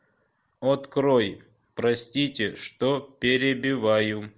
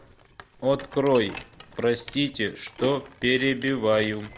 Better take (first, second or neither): first